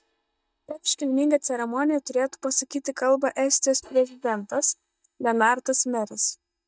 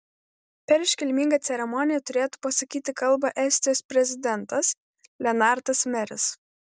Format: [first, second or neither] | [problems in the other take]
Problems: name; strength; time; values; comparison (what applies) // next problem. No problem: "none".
second | noise reduction (neural mask model DeepFilterNet 3)